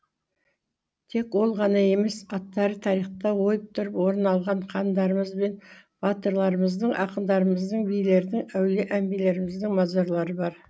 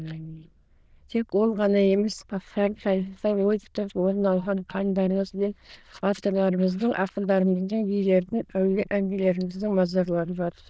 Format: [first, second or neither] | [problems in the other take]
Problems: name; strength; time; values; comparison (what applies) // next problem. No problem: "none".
first | noise reduction (neural diffusion model UNIVERSE++)